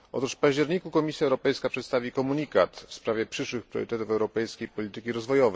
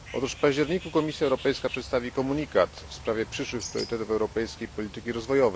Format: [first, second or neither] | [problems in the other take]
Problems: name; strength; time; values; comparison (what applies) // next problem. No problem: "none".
first | background sound (Bird); 16 dB below the speech